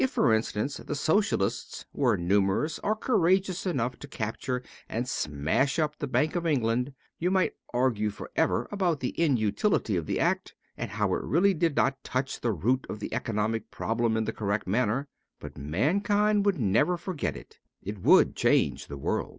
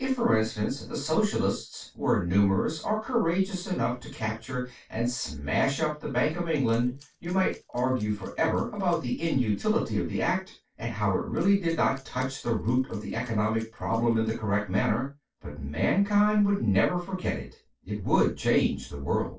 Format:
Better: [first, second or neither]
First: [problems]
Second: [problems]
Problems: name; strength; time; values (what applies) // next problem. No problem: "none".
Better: first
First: none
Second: noise reduction (neural separator model SepFormer DNS4)